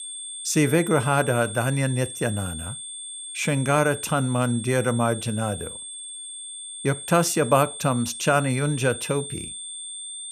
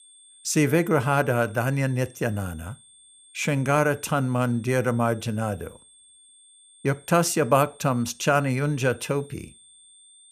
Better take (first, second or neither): second